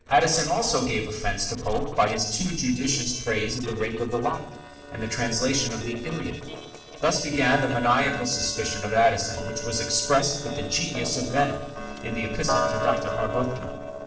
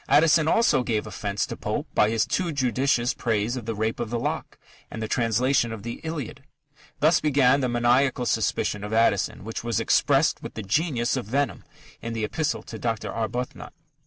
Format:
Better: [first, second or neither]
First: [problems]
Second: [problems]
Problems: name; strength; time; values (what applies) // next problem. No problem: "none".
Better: second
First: noise reduction (neural separator model SepFormer DNS4)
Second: none